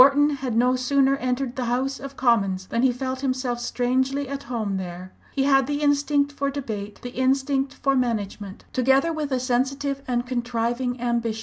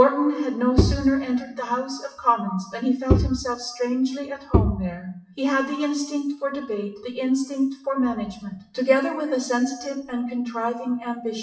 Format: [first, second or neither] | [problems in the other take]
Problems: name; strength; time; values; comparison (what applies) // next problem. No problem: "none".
first | noise reduction (classical method WPE with log-MMSE)